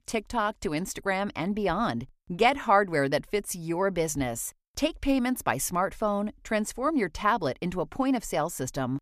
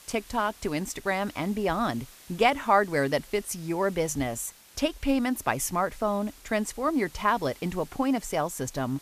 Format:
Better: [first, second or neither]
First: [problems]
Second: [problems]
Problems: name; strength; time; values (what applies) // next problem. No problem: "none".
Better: first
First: none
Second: hiss; faint; throughout; 20 dB below the speech